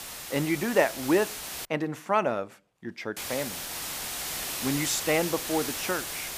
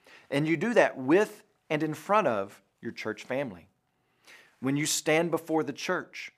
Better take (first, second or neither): second